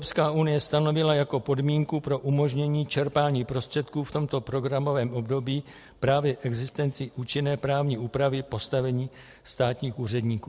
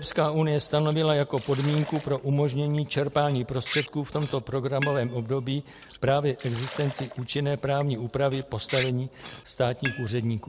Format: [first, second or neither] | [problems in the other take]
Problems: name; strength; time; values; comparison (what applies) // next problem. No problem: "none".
first | background sound (Liquid); 14 dB below the speech